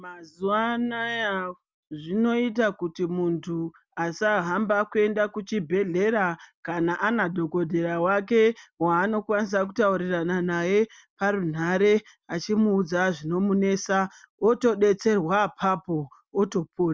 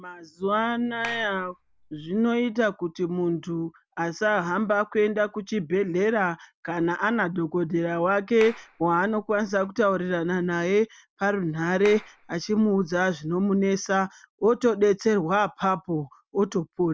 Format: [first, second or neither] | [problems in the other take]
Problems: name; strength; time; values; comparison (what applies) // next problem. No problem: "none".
first | background sound (Clapping); 18 dB below the speech